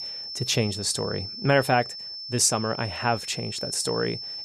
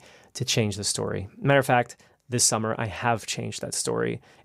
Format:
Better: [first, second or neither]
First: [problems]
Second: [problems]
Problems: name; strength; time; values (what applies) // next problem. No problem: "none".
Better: second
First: high-pitched whine; loud; throughout; 5.5 kHz, 8 dB below the speech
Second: none